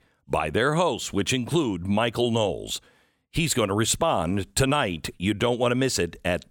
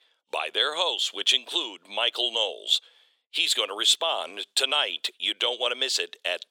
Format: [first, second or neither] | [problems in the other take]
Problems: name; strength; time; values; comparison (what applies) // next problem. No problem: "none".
first | thin; very; fading below 450 Hz